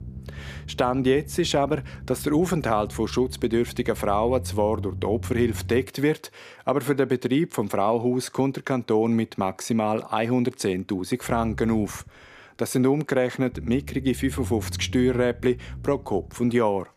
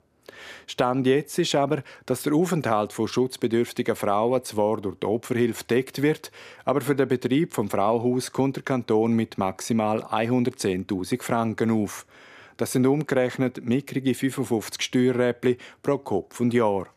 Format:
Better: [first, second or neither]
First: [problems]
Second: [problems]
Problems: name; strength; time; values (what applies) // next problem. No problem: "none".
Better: second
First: low rumble; faint; until 6 s and from 11 s on; 25 dB below the speech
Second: none